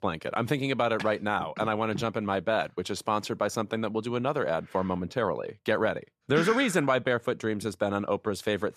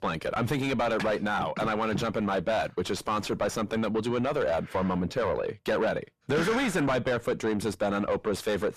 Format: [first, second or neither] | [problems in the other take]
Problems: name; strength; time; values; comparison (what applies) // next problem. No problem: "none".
first | distortion; heavy; 5 dB below the speech